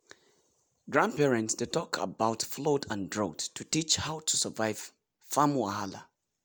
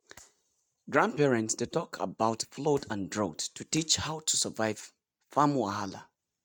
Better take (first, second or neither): first